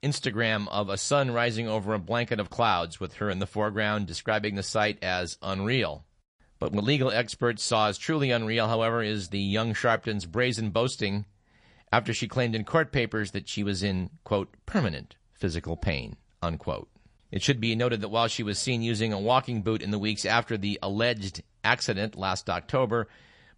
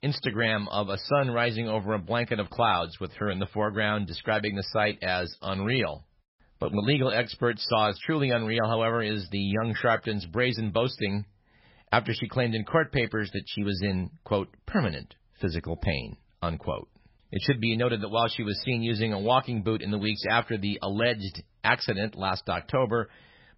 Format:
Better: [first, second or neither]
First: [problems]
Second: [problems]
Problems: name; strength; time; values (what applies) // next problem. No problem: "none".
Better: first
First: garbled, watery; slightly; nothing above 10 kHz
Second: garbled, watery; badly; nothing above 5.5 kHz